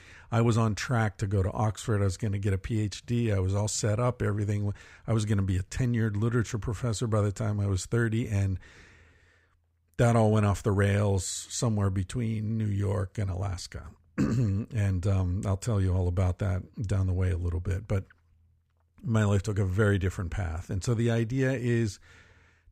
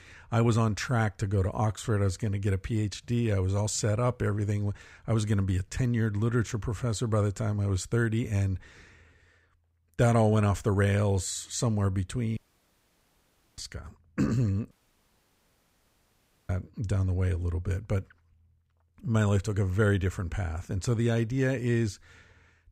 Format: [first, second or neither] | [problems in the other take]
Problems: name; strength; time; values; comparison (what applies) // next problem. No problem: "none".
first | audio cutting out; at 12 s for 1 s and at 15 s for 2 s